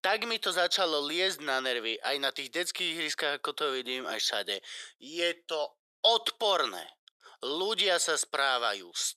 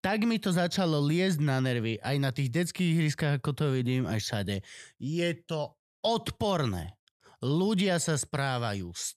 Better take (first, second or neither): second